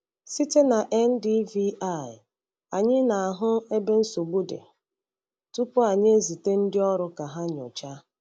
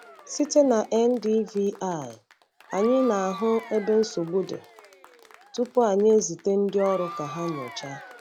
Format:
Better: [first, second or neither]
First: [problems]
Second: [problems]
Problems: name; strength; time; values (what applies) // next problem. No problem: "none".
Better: first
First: none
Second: background sound (Applause / Crowd / Cheering); 17 dB below the speech